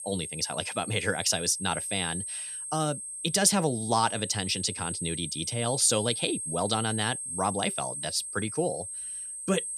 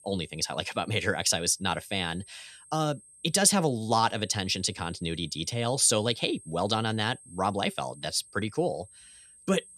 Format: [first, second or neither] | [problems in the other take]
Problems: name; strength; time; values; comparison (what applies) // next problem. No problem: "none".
second | high-pitched whine; loud; throughout; 8.5 kHz, 5 dB below the speech; faint in the second